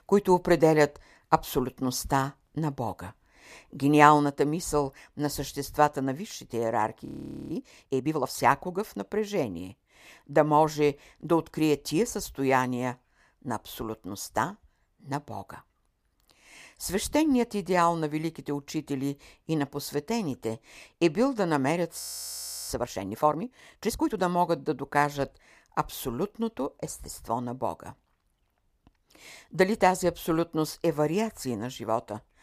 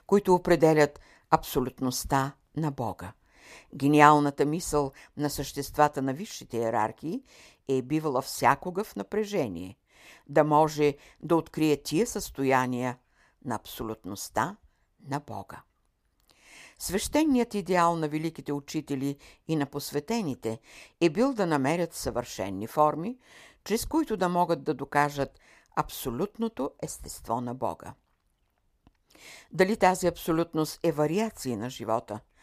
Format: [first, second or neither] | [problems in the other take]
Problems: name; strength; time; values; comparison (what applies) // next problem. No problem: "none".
second | audio freezing; at 7 s and at 22 s for 0.5 s